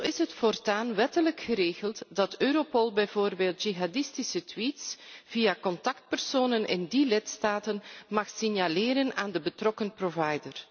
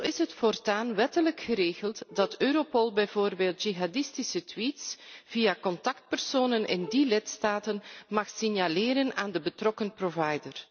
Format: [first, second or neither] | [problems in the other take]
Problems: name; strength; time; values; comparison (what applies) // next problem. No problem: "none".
first | noise reduction (neural mask model DeepFilterNet 3)